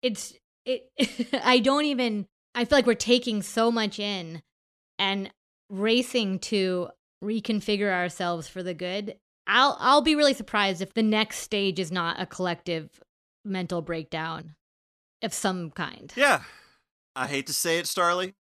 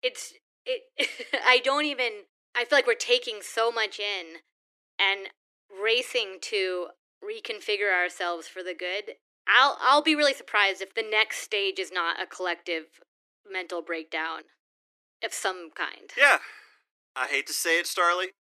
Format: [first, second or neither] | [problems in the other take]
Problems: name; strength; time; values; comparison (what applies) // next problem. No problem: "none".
first | thin; very; fading below 300 Hz